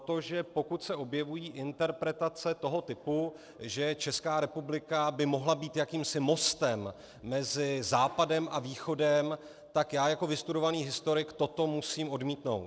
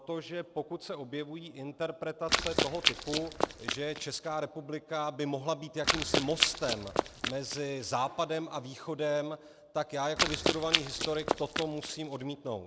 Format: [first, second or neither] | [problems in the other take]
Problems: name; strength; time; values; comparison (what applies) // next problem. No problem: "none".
first | background sound (Run); 2 dB above the speech